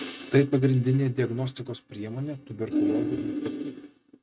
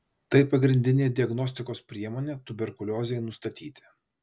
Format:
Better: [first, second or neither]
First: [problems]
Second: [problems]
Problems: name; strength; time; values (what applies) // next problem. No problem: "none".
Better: second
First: noise reduction (neural mask model RNNoise)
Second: none